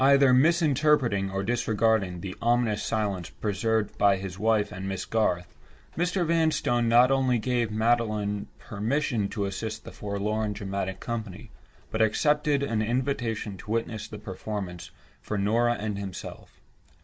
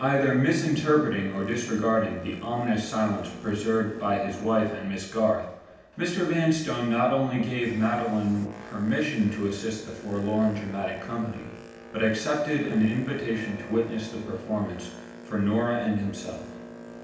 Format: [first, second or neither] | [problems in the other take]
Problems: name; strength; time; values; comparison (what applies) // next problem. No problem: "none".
first | background sound (Boat, Water vehicle); 17 dB below the speech // room echo; dies away in 0.9 s